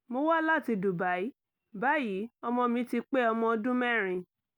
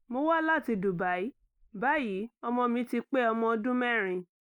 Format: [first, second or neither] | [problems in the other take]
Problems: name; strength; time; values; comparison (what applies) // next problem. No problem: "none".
first | noise reduction (neural mask model Resemble Enhance denoiser)